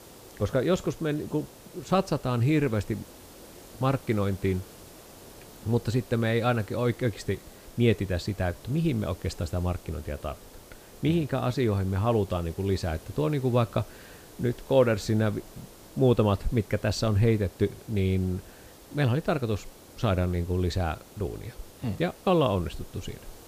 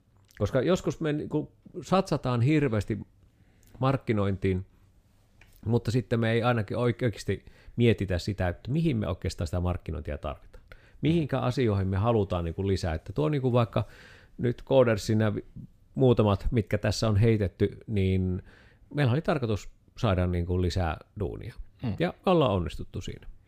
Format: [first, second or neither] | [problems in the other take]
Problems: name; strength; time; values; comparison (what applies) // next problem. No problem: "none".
second | hiss; faint; throughout; 20 dB below the speech